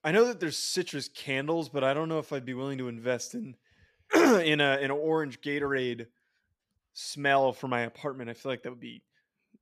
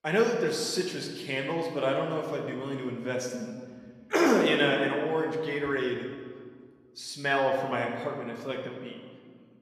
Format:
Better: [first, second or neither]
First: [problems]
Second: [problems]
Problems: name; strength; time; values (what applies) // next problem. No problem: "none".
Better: first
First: none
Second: room echo; noticeable; dies away in 1.5 s // off-mic speech; somewhat distant